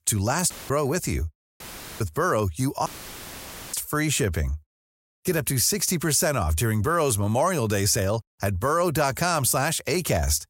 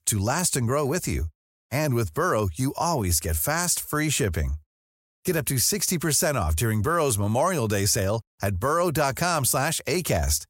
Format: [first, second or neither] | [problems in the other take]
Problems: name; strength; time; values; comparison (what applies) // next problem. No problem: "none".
second | audio cutting out; filled with static; at 0.5 s, at 1.5 s and at 3 s for 1 s